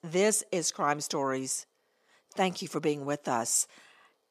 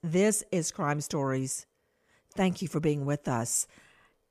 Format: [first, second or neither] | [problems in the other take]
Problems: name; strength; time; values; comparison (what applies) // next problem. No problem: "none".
second | thin; somewhat; fading below 250 Hz